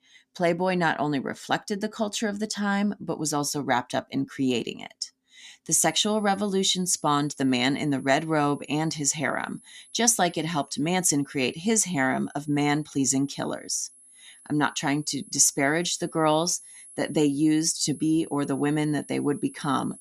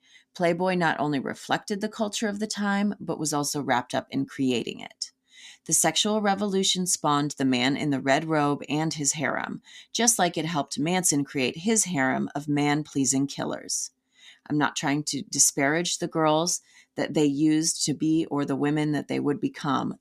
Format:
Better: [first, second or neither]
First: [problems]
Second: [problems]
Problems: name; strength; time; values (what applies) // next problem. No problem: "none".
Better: second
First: high-pitched whine; faint; from 6 s on; 10.5 kHz, 20 dB below the speech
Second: none